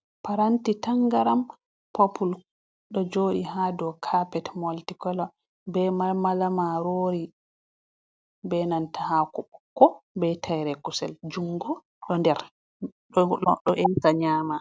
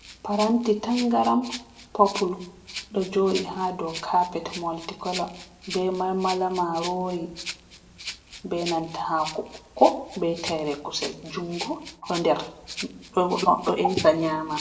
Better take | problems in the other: first | background sound (Rattle (instrument)); 14 dB below the speech // room echo; dies away in 0.5 s

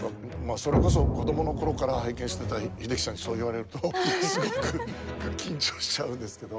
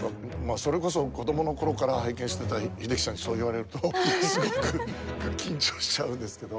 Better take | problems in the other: second | background sound (Explosion); 1 dB below the speech

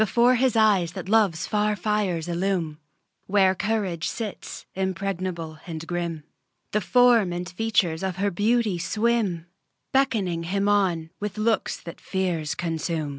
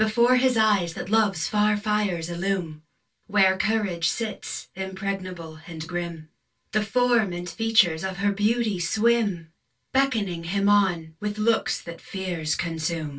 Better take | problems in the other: first | room echo; dies away in 0.2 s

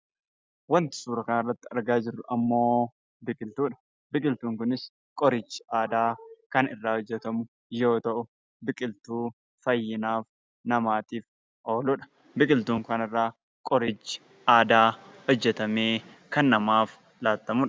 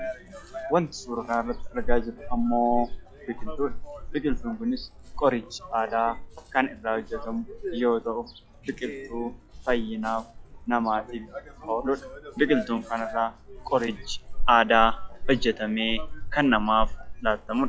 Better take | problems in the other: first | noise reduction (classical method log-MMSE)

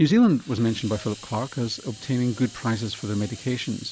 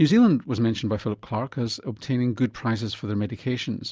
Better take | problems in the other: second | background sound (Hiss); 20 dB below the speech

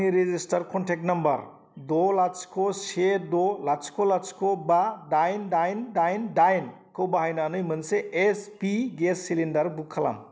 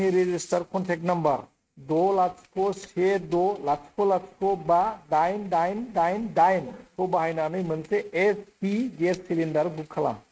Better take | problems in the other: first | noise reduction (neural mask model RNNoise)

